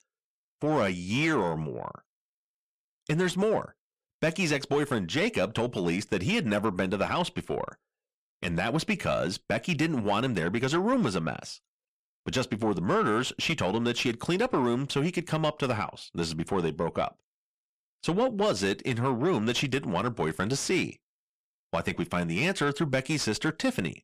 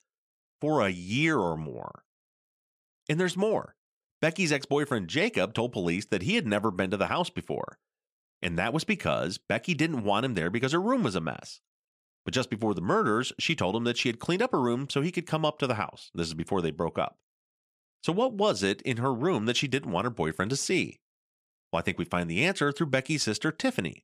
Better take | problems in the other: second | distortion; slight; 10 dB below the speech

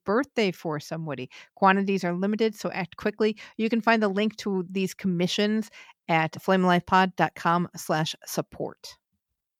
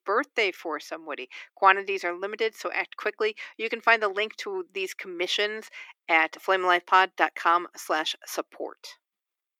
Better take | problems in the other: first | thin; very; fading below 300 Hz

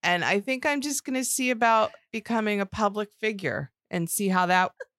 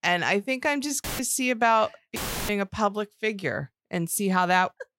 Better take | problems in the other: first | audio cutting out; filled with static; at 1 s and at 2 s

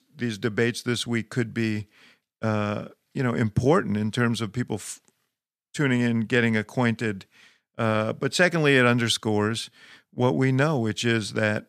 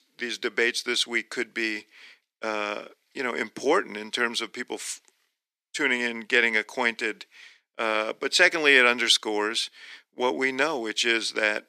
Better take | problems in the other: first | thin; somewhat; fading below 300 Hz

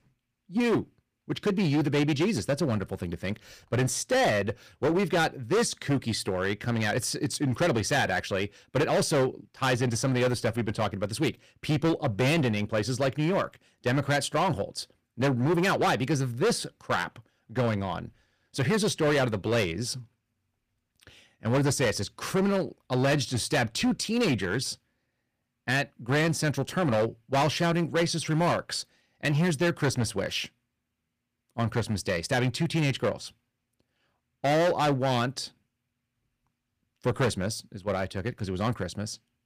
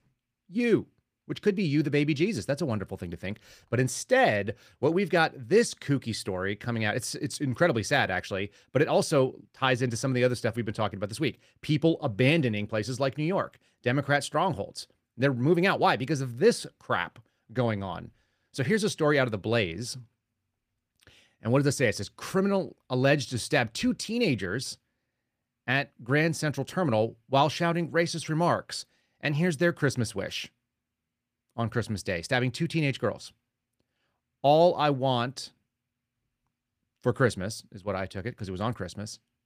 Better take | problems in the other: second | distortion; heavy; 10% of the sound clipped

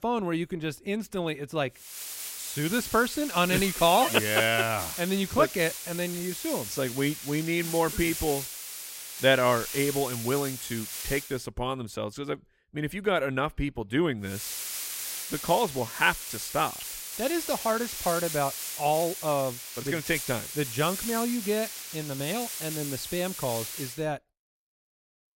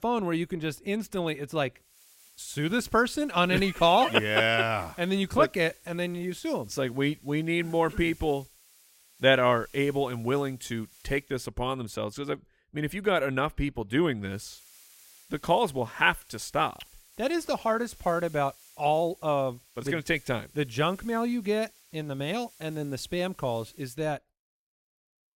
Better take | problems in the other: second | hiss; loud; from 2 to 11 s and from 14 to 24 s; 6 dB below the speech; faint in the second

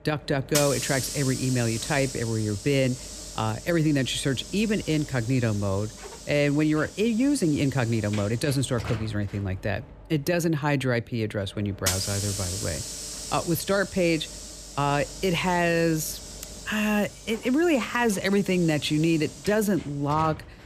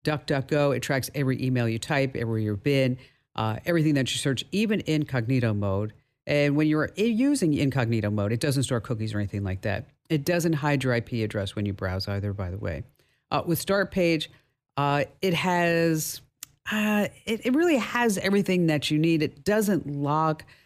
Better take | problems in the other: second | hiss; loud; throughout; 10 dB below the speech

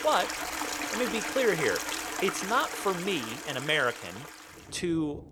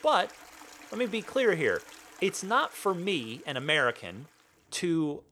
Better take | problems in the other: second | rain or running water; loud; throughout; 4 dB below the speech; faint in the second

